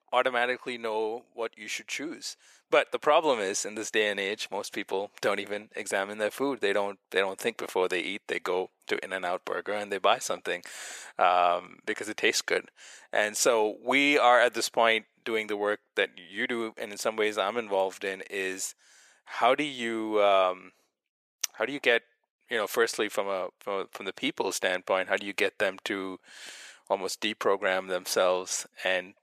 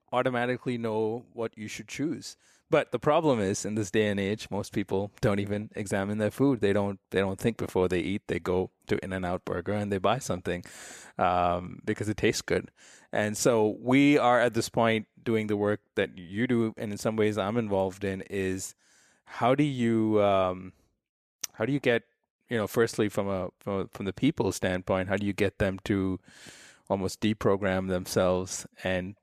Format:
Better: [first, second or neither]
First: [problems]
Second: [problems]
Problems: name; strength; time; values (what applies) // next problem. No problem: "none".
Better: second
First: thin; somewhat; fading below 500 Hz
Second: none